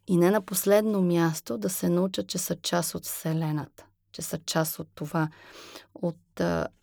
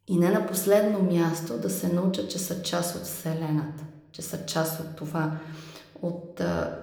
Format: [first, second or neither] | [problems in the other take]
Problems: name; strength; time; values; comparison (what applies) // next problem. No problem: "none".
first | room echo; slight; dies away in 0.8 s